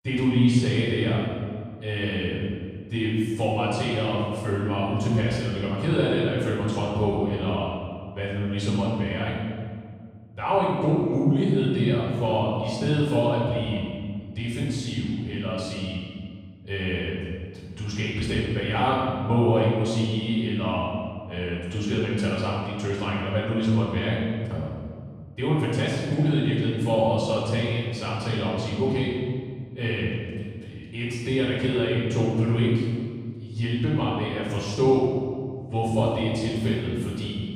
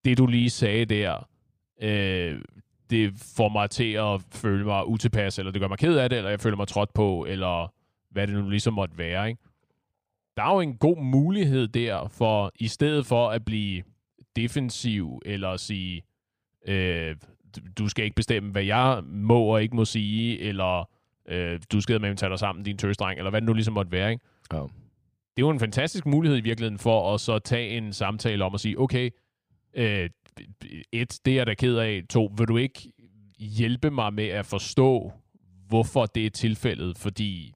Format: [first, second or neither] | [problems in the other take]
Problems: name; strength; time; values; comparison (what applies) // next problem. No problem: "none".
second | room echo; strong; dies away in 1.8 s // off-mic speech; far